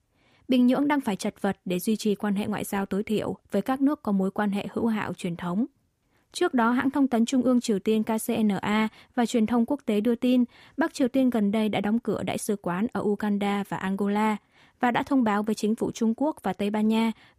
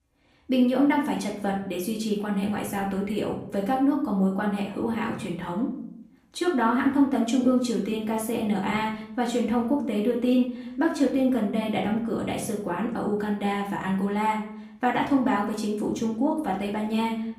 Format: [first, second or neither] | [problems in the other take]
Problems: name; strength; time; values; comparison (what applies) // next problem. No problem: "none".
first | off-mic speech; far // room echo; slight; dies away in 0.5 s